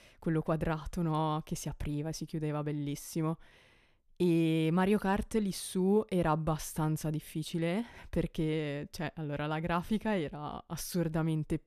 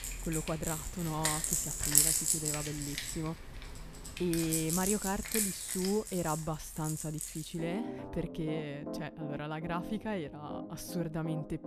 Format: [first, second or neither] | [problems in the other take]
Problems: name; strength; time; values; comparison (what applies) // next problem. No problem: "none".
first | background music; very loud; throughout; 3 dB above the speech